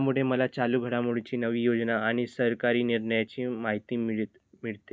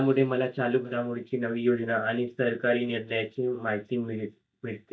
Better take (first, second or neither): first